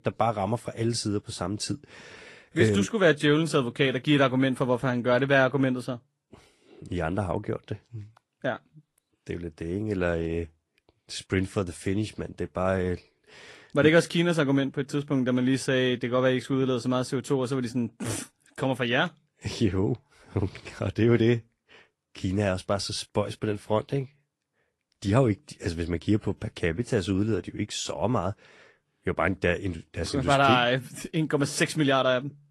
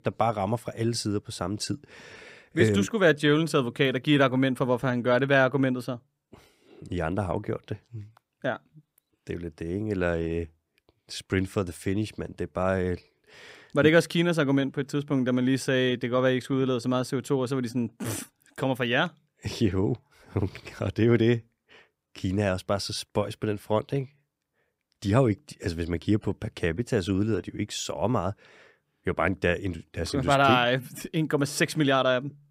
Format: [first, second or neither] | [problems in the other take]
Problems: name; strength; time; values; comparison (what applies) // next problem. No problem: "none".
second | garbled, watery; slightly; nothing above 10.5 kHz